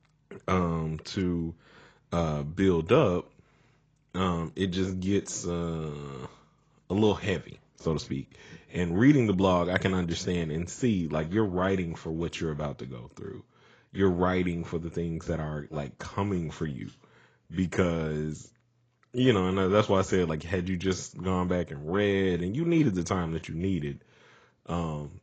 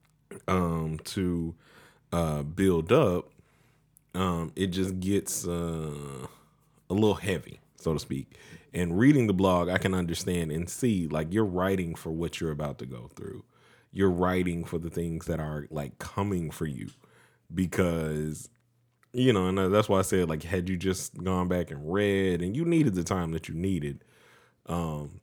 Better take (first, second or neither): second